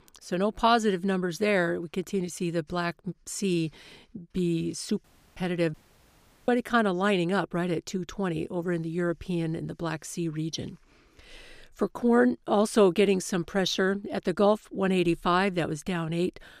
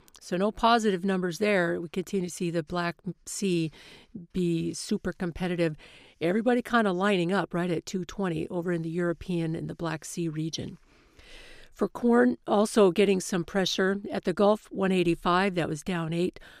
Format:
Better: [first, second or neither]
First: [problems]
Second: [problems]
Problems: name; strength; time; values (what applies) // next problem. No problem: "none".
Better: second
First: audio cutting out; at 5 s and at 5.5 s for 0.5 s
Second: none